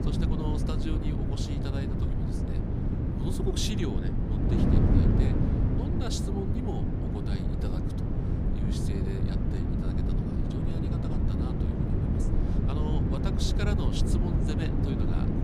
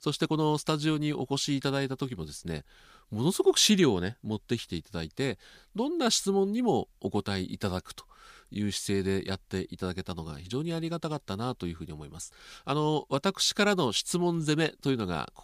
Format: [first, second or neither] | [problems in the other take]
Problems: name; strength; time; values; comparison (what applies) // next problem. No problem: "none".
second | wind noise on the microphone; heavy; 3 dB above the speech